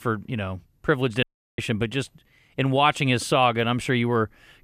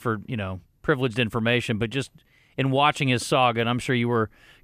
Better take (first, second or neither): second